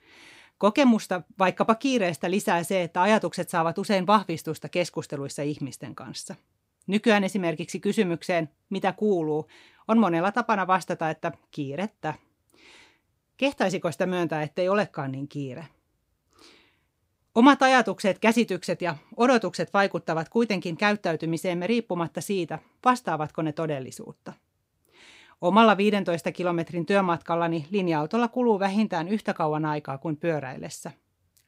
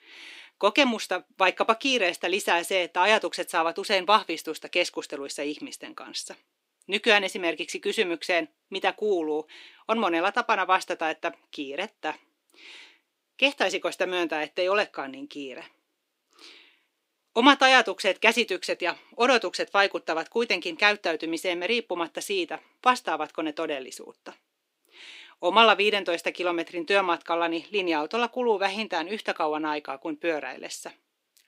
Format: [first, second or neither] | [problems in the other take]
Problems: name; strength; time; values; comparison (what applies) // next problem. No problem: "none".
first | thin; somewhat; fading below 300 Hz